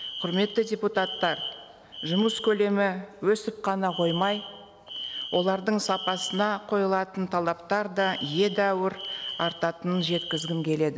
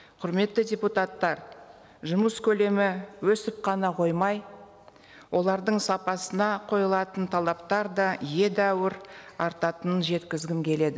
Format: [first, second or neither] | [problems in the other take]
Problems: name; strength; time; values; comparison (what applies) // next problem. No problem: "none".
second | background sound (Alarm); 11 dB below the speech